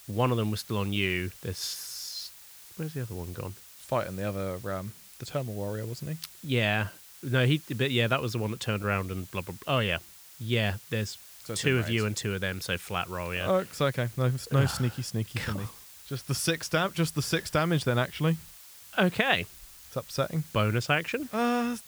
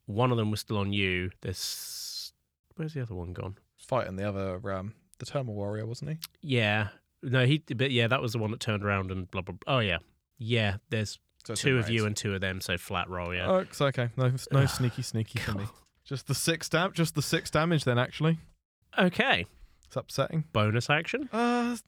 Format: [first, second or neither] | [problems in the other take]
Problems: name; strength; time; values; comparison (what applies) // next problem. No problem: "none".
second | hiss; noticeable; throughout; 20 dB below the speech